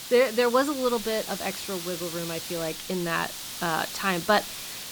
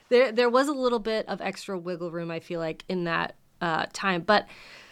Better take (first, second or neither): second